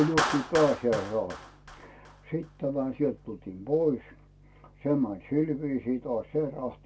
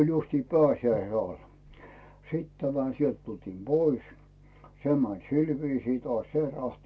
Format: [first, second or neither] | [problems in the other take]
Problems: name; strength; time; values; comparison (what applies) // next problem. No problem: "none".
second | background sound (Clapping); 10 dB below the speech